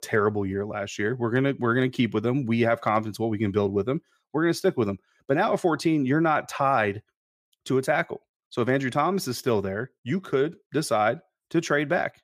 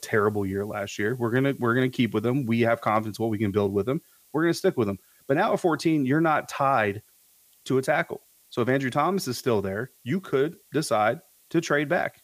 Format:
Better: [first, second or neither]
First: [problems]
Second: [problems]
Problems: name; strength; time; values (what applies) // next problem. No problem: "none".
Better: first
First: none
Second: hiss; faint; throughout; 30 dB below the speech